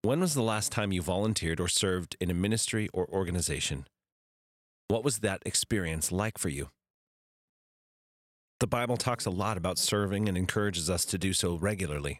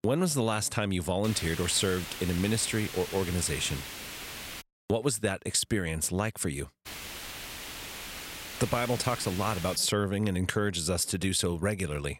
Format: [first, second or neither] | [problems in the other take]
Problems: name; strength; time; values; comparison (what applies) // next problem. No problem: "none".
first | hiss; loud; from 1 to 4.5 s and from 7 to 10 s; 10 dB below the speech